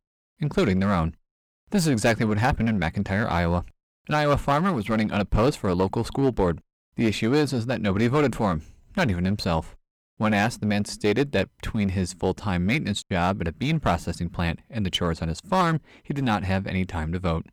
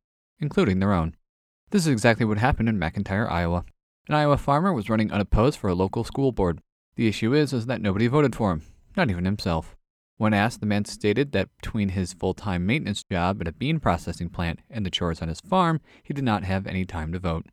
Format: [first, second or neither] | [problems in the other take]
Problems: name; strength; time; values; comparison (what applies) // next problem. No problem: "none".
second | distortion; slight; 7% of the sound clipped